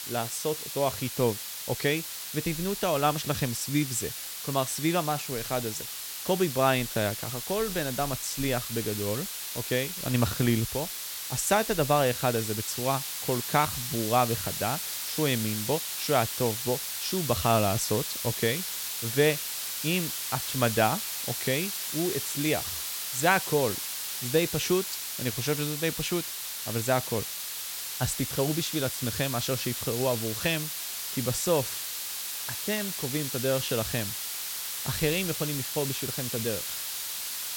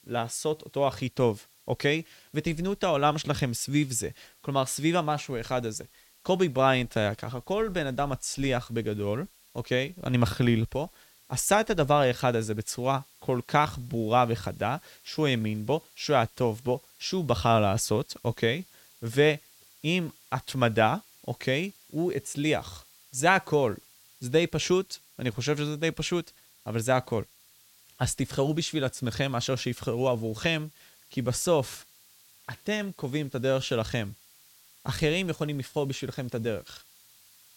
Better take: second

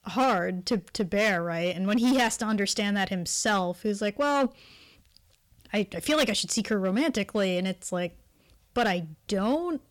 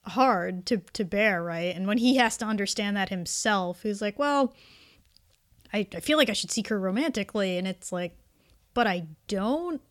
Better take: second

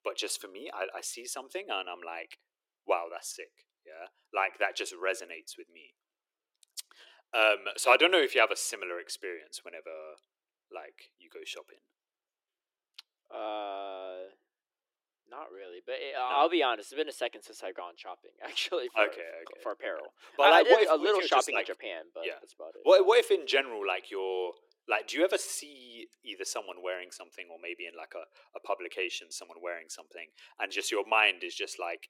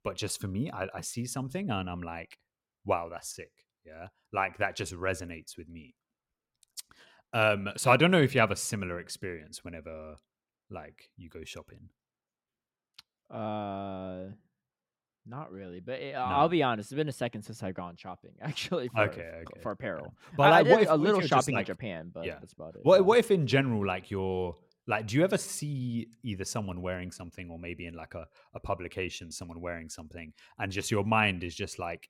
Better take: second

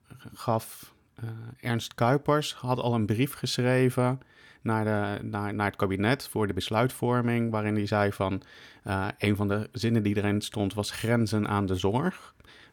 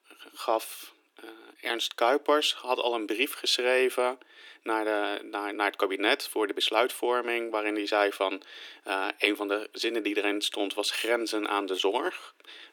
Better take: first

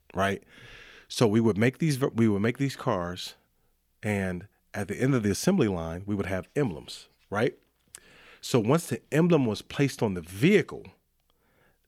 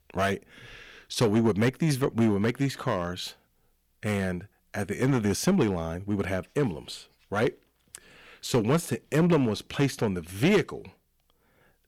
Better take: first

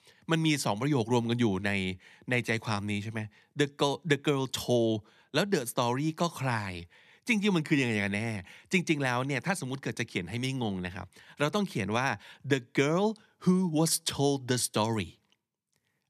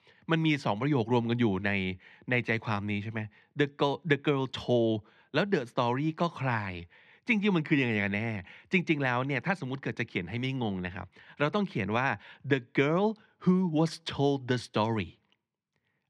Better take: first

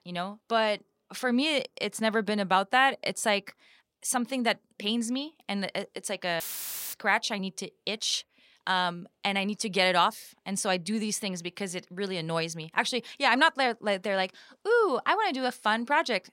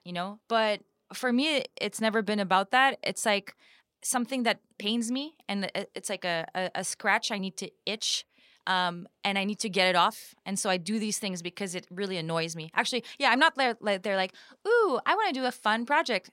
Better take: second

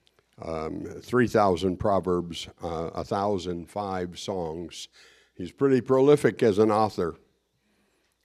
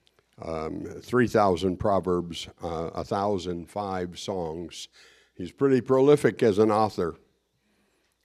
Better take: neither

